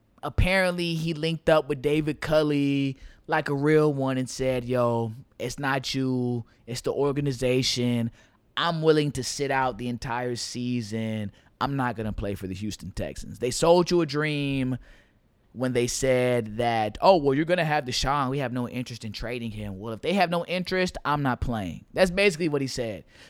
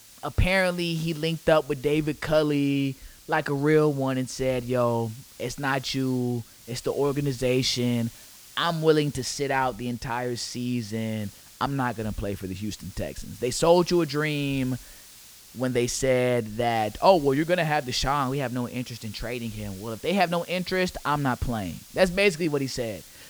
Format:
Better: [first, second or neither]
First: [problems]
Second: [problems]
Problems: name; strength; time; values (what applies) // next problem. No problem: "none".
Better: first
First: none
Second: hiss; faint; throughout; 20 dB below the speech